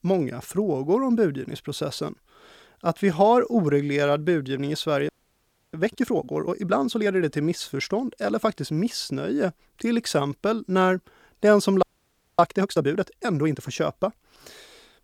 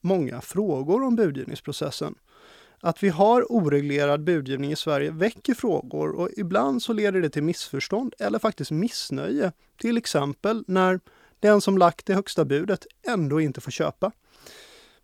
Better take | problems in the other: second | audio freezing; at 5 s for 0.5 s and at 12 s for 0.5 s

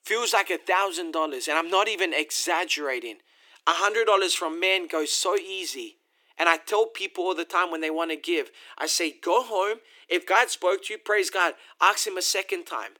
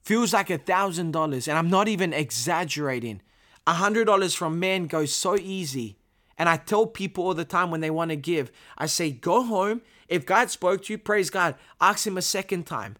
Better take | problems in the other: second | thin; very; fading below 300 Hz

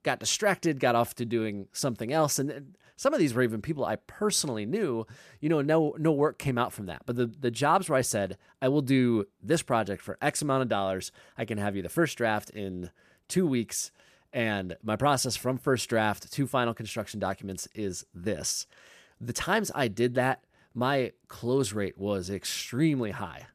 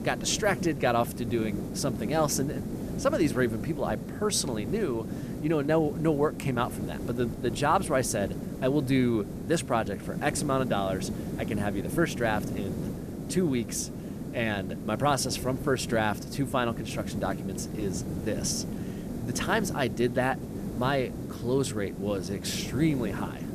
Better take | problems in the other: first | hiss; loud; throughout; 6 dB below the speech

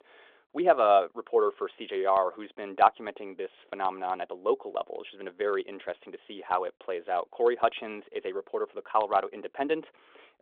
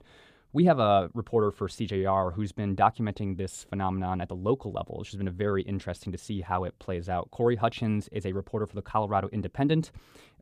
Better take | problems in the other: second | phone-call audio

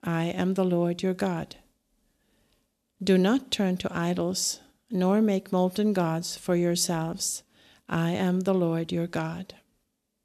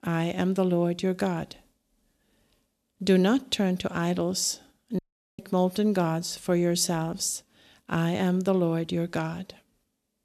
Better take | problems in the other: first | audio cutting out; at 5 s

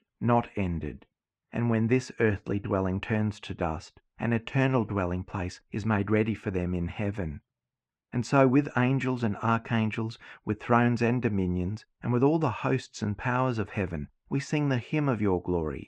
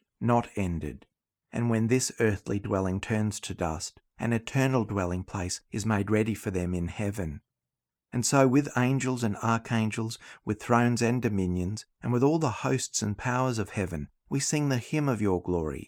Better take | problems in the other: second | muffled; slightly; fading above 2.5 kHz

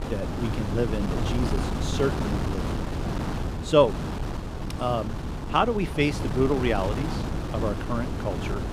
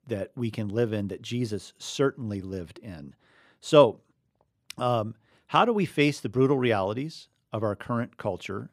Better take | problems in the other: second | wind noise on the microphone; heavy; 7 dB below the speech

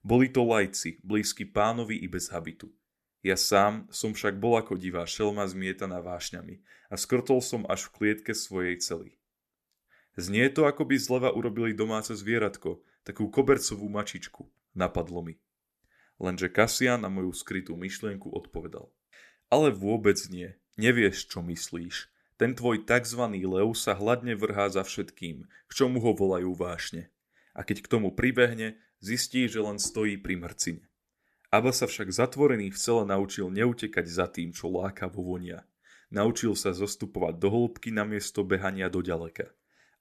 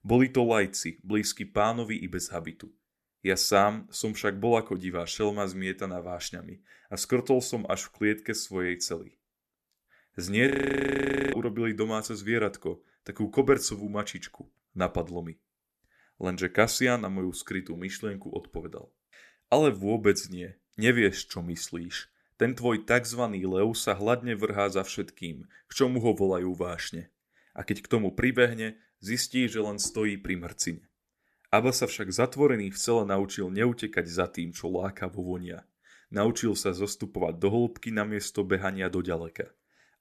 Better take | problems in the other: first | audio freezing; at 10 s for 1 s

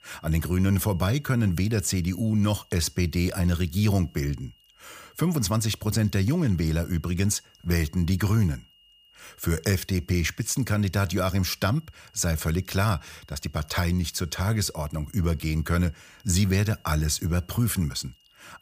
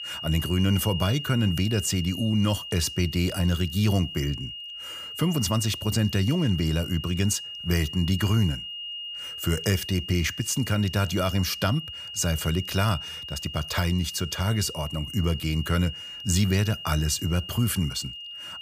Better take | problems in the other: first | high-pitched whine; loud; throughout; 3 kHz, 9 dB below the speech; faint in the first

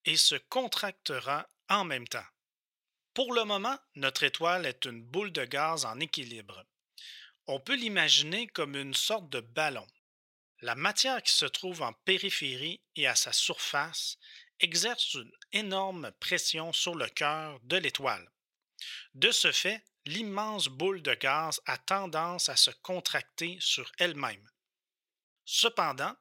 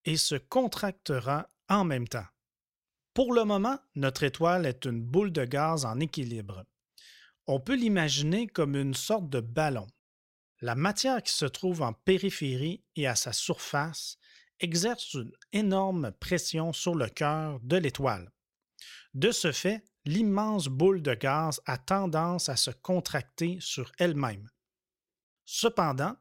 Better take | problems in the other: second | thin; somewhat; fading below 850 Hz

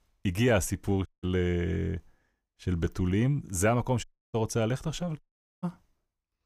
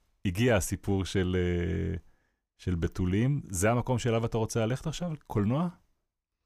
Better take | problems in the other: second | audio cutting out; at 1 s, at 4 s and at 5 s

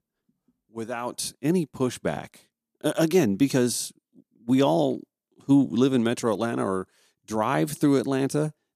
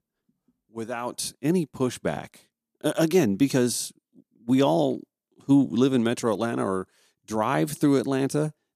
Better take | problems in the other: neither | none

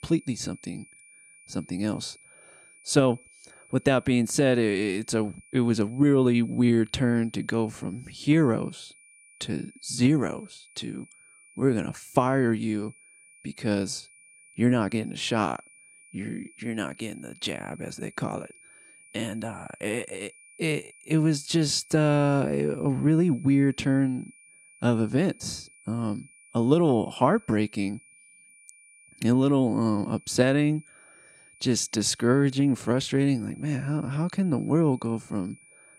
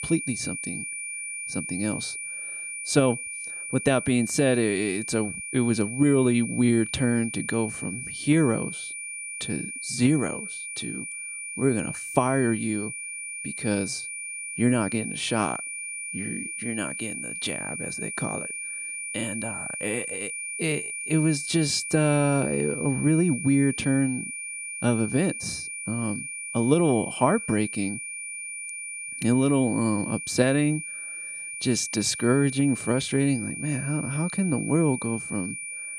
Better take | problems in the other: first | high-pitched whine; loud; throughout; 2.5 kHz, 6 dB below the speech; faint in the first

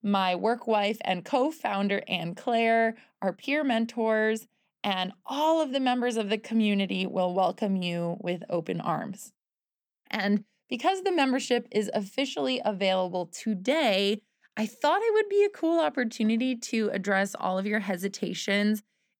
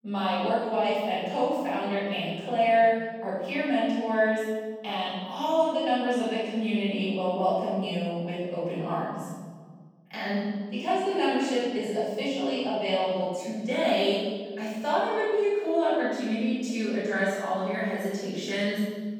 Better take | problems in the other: first | off-mic speech; far // room echo; strong; dies away in 1.4 s

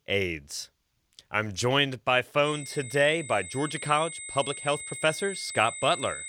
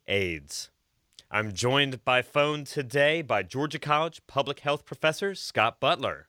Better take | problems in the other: second | high-pitched whine; noticeable; from 2.5 s on; 8 kHz, 10 dB below the speech

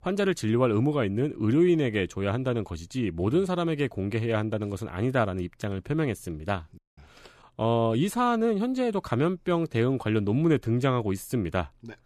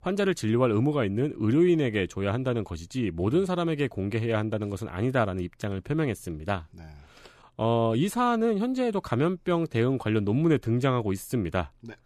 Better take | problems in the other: second | audio cutting out; at 7 s

